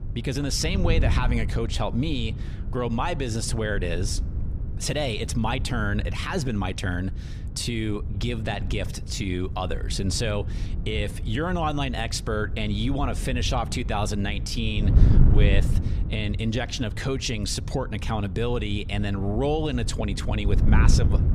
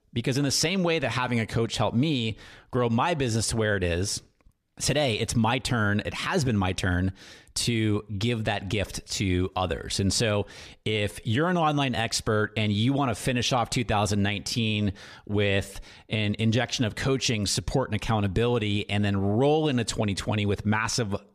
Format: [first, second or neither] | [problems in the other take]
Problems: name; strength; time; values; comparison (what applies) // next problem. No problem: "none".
second | wind noise on the microphone; occasional gusts; 10 dB below the speech